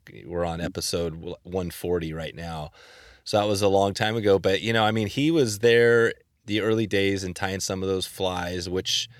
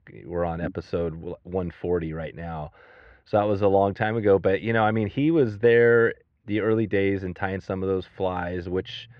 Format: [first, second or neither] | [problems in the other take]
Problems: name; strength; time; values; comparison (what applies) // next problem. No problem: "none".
first | muffled; very; fading above 2 kHz